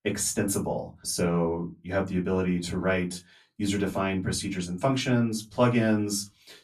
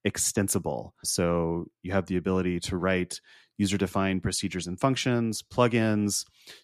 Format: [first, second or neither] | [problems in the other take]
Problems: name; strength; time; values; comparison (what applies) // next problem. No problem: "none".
second | off-mic speech; far // room echo; very slight; dies away in 0.2 s